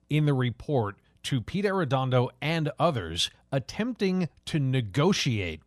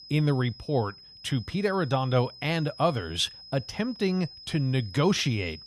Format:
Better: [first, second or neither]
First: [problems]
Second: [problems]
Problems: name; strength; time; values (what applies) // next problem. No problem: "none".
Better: first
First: none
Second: high-pitched whine; noticeable; throughout; 5 kHz, 15 dB below the speech